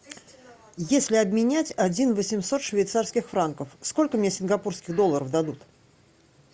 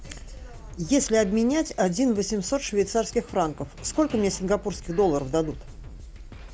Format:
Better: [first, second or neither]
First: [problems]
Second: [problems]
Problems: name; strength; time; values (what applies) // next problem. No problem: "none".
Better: first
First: none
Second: background sound (Drum kit); 15 dB below the speech